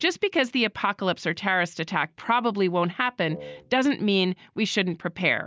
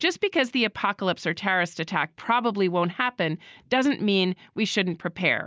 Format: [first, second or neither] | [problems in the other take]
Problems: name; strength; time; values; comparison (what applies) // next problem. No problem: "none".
second | background sound (Wind instrument, woodwind instrument); 17 dB below the speech